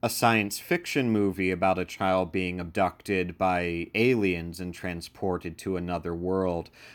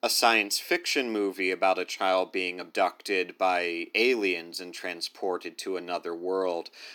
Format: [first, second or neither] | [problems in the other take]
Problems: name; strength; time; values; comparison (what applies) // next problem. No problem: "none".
first | thin; somewhat; fading below 300 Hz